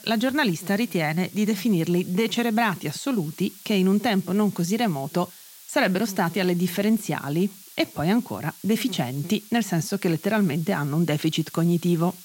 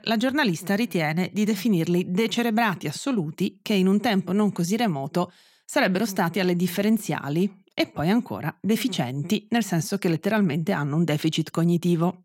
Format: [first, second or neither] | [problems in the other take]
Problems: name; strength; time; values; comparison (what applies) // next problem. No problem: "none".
second | hiss; noticeable; throughout; 20 dB below the speech